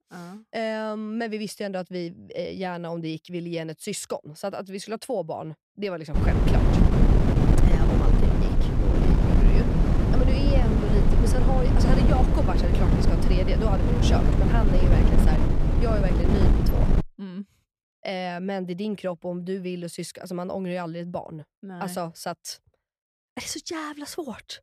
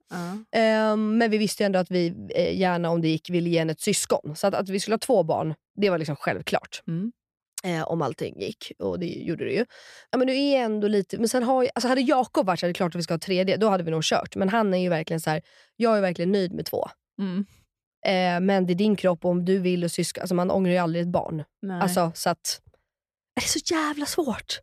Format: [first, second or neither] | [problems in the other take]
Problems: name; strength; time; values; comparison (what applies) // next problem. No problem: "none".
second | wind noise on the microphone; heavy; from 6 to 17 s; 2 dB above the speech